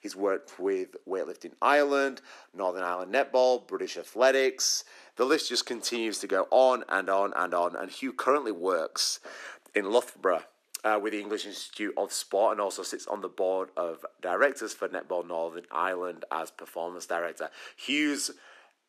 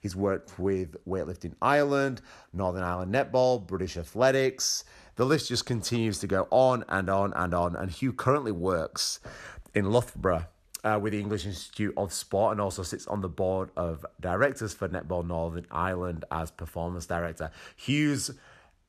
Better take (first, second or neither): second